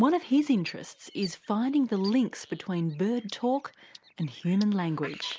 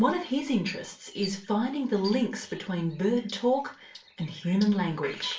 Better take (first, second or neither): first